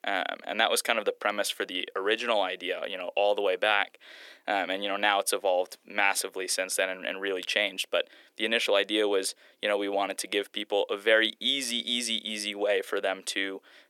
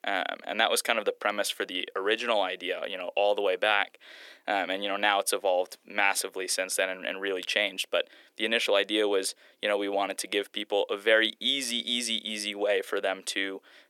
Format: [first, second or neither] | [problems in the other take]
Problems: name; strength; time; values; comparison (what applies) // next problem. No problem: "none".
neither | thin; somewhat; fading below 300 Hz; the same in both